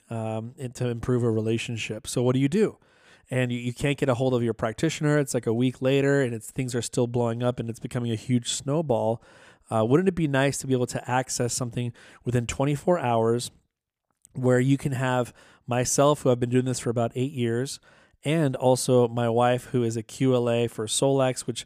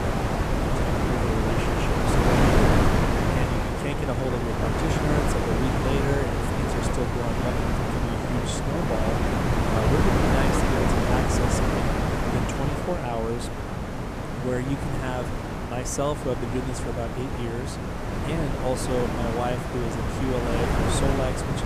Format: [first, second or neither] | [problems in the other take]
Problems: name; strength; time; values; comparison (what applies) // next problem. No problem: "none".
first | wind noise on the microphone; heavy; 4 dB above the speech